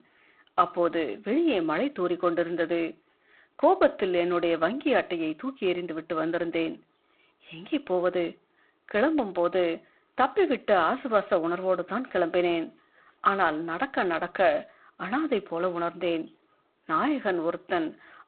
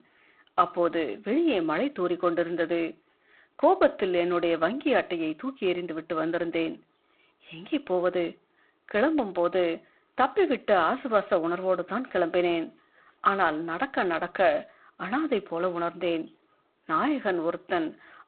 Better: neither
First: phone-call audio; poor line; nothing above 4 kHz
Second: phone-call audio; poor line; nothing above 4 kHz

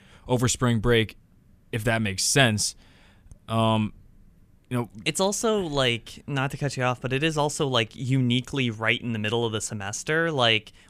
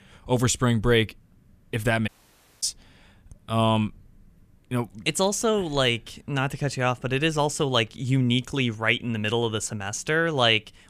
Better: first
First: none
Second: audio cutting out; at 2 s for 0.5 s

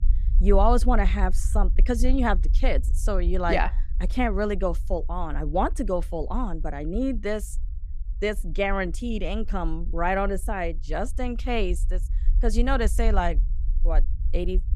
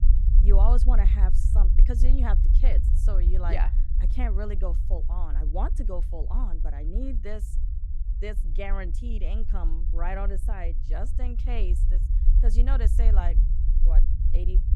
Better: first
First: low rumble; faint; throughout; 25 dB below the speech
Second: low rumble; loud; throughout; 9 dB below the speech

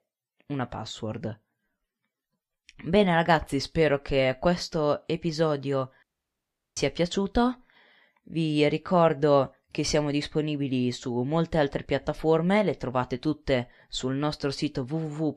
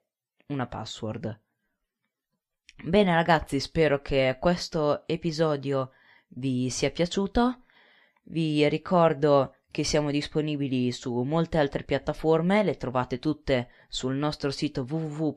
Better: second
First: audio cutting out; at 6 s for 0.5 s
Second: none

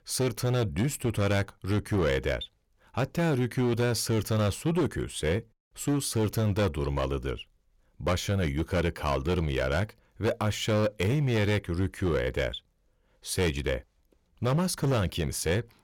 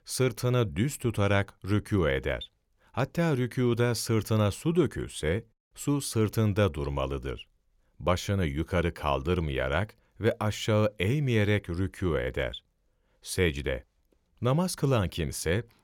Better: second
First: distortion; slight; 11% of the sound clipped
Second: none

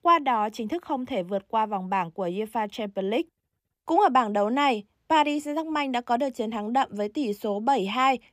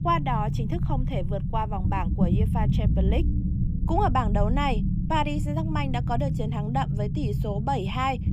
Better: first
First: none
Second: low rumble; loud; throughout; 9 dB below the speech

